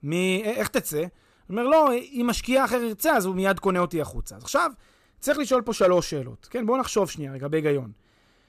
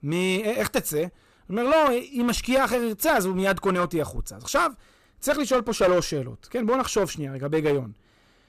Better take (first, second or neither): first